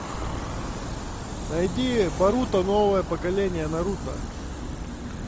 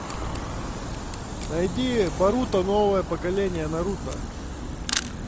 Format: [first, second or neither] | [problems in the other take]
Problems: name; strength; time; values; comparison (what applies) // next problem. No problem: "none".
first | background sound (Camera); 15 dB below the speech